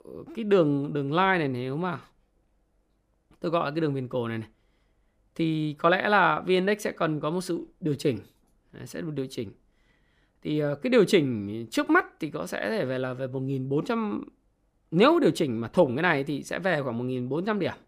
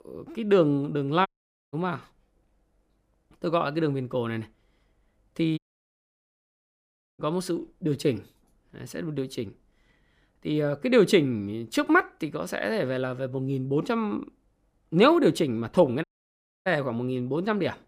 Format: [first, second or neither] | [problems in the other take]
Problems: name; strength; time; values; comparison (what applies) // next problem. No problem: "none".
first | audio cutting out; at 1.5 s, at 5.5 s for 1.5 s and at 16 s for 0.5 s